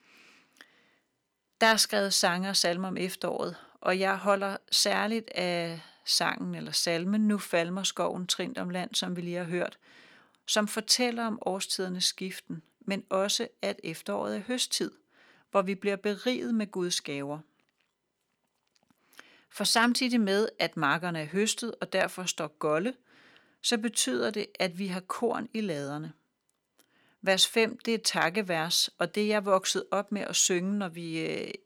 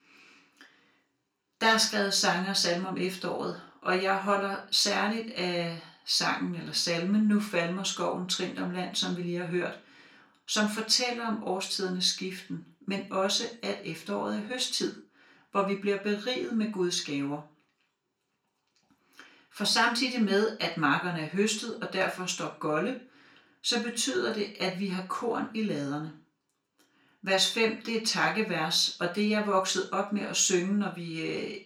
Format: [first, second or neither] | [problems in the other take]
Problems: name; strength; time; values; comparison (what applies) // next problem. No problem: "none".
first | room echo; slight; dies away in 0.4 s // off-mic speech; far